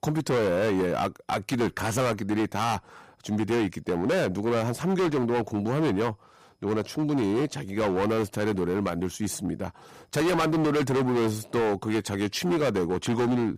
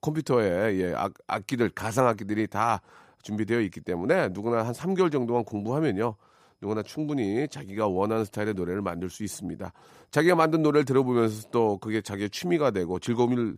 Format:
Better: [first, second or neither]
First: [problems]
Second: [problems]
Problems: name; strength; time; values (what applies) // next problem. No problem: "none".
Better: second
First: distortion; heavy; 20% of the sound clipped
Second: none